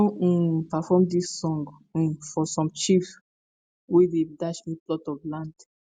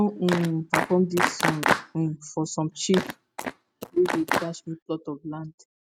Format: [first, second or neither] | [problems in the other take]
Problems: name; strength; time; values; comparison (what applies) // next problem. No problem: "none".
first | noise reduction (neural mask model RNNoise)